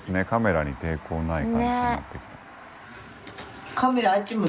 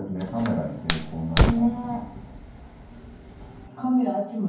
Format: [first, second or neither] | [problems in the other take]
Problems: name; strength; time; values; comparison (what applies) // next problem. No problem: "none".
first | background sound (Fire); as loud as the speech // room echo; dies away in 0.9 s